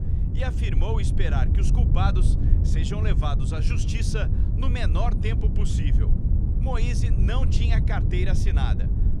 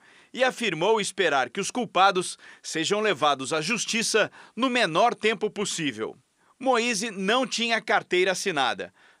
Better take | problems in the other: second | wind noise on the microphone; heavy; 4 dB below the speech

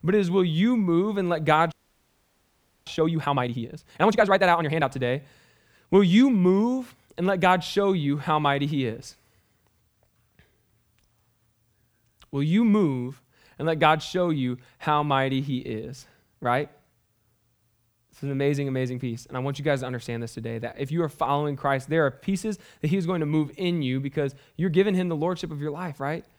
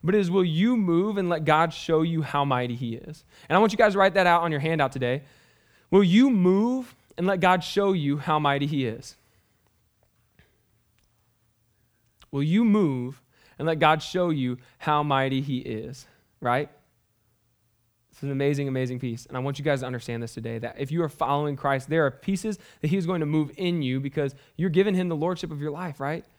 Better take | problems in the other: second | audio freezing; at 1.5 s for 1 s

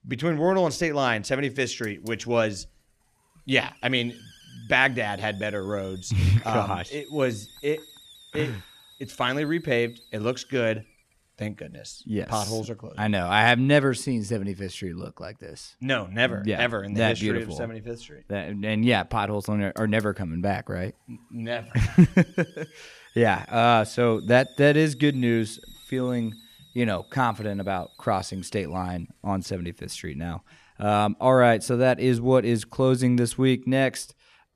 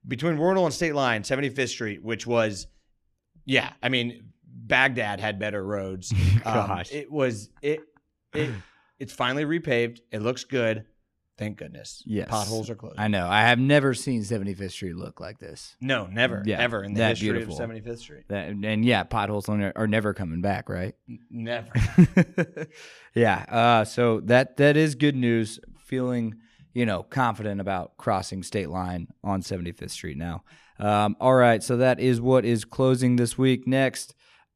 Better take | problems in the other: second | hiss; faint; throughout; 25 dB below the speech

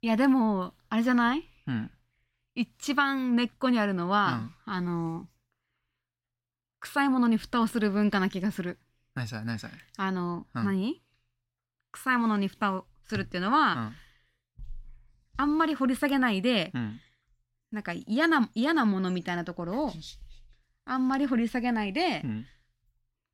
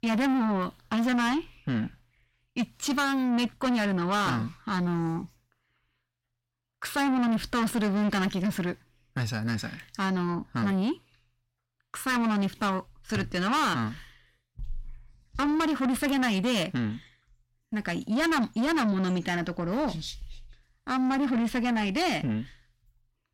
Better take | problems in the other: first | distortion; heavy; 8 dB below the speech

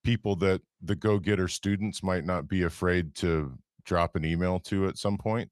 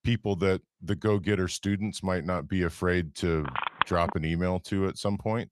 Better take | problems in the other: first | phone ringing; noticeable; at 3.5 s; peak level with the speech

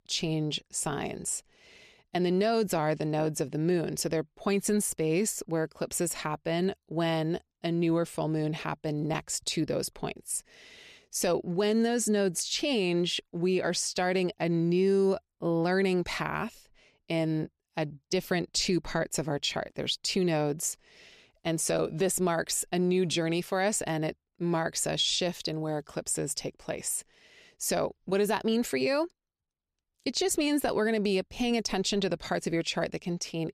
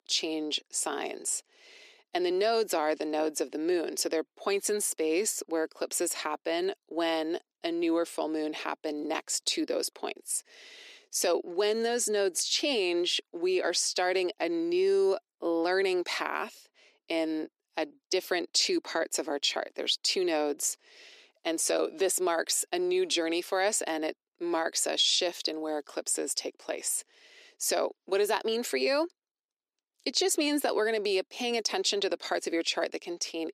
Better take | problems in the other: first | thin; somewhat; fading below 300 Hz

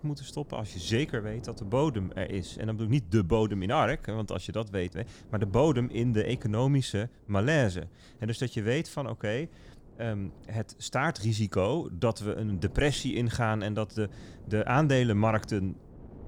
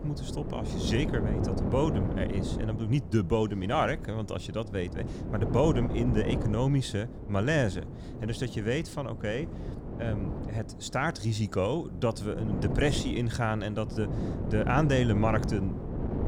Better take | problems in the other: first | wind noise on the microphone; heavy; 8 dB below the speech; occasional gusts in the first

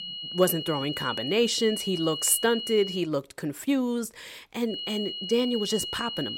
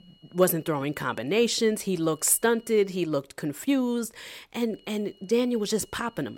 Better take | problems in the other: second | high-pitched whine; loud; until 3 s and from 4.5 s on; 3 kHz, 6 dB below the speech; faint in the second

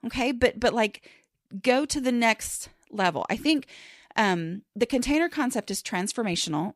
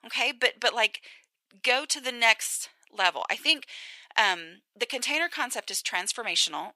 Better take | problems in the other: first | thin; very; fading below 800 Hz

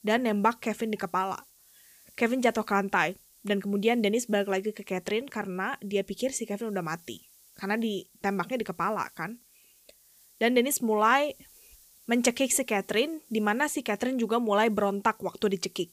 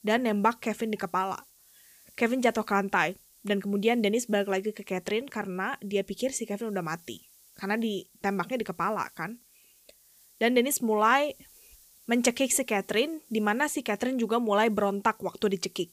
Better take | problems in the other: neither | hiss; faint; throughout; 25 dB below the speech; the same in both

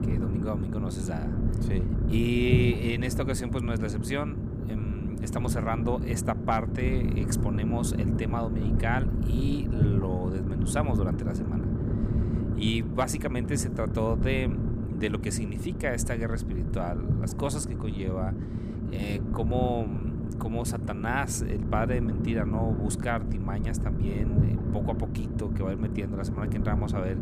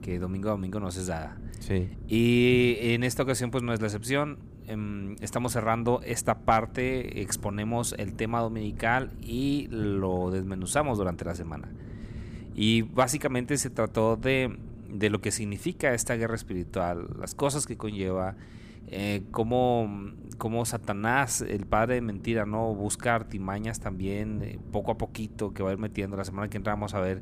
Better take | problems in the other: second | low rumble; loud; throughout; 5 dB below the speech; faint in the second

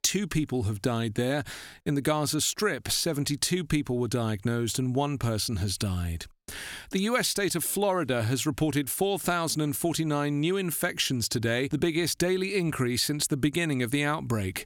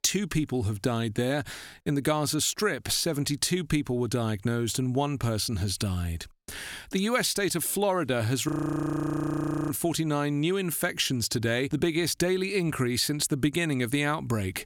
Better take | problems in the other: first | audio freezing; at 8.5 s for 1 s

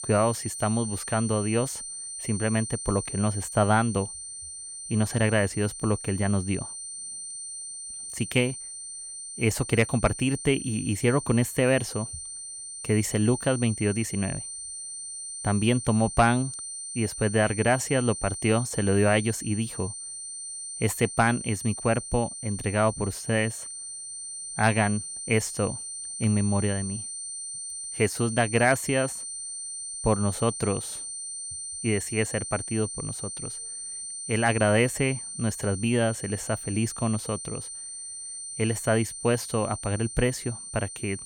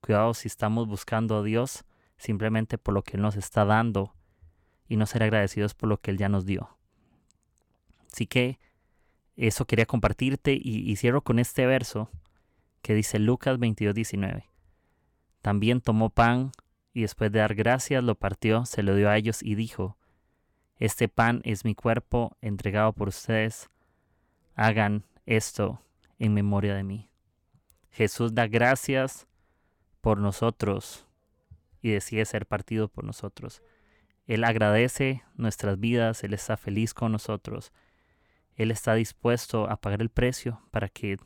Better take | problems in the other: second | high-pitched whine; loud; throughout; 9 kHz, 8 dB below the speech

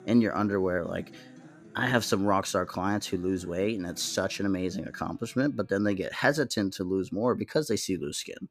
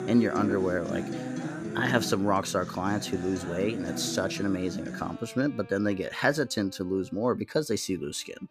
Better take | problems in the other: first | background music; loud; throughout; 7 dB below the speech; faint in the first

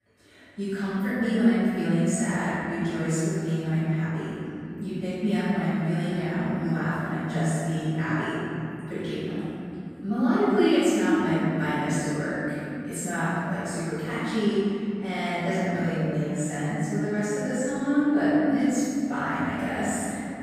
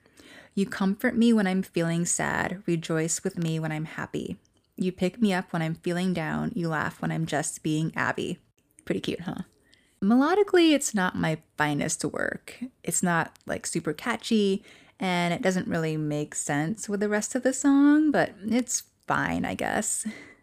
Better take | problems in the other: second | room echo; strong; dies away in 3 s // off-mic speech; far

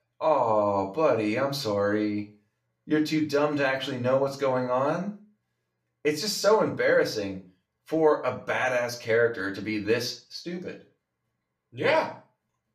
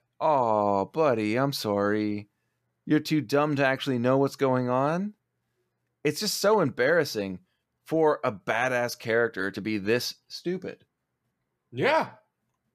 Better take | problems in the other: second | room echo; slight; dies away in 0.4 s // off-mic speech; somewhat distant

